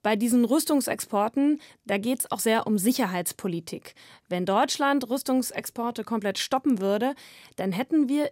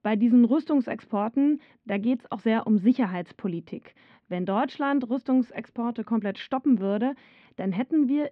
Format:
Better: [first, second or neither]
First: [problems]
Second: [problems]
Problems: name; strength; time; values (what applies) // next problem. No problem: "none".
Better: first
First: none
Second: muffled; very; fading above 3 kHz